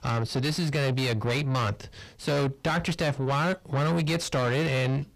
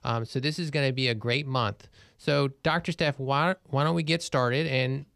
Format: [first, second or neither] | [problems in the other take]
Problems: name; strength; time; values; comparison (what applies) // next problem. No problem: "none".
second | distortion; heavy; 6 dB below the speech